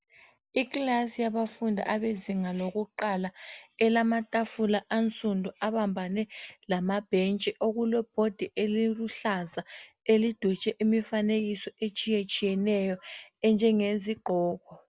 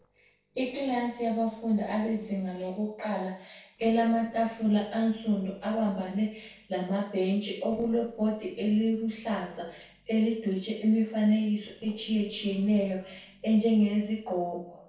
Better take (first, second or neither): first